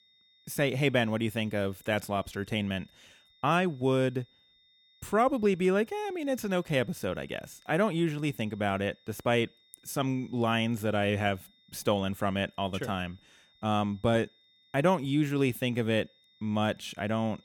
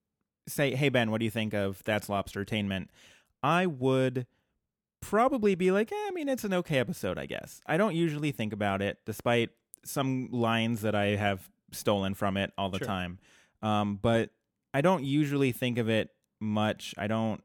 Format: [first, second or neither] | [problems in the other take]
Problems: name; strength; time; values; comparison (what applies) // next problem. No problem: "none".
second | high-pitched whine; faint; throughout; 3.5 kHz, 30 dB below the speech